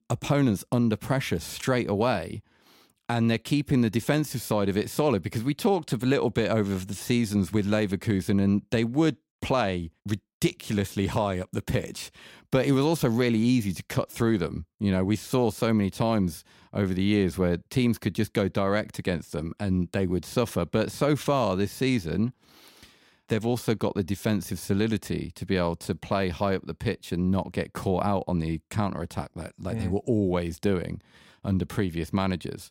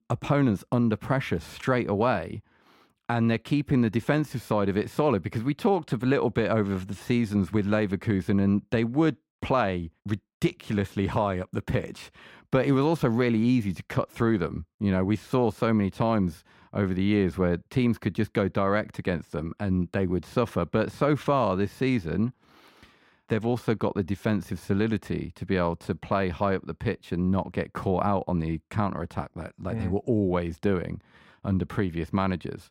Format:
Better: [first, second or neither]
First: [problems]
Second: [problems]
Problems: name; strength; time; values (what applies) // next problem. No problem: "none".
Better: first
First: none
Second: muffled; slightly; fading above 3.5 kHz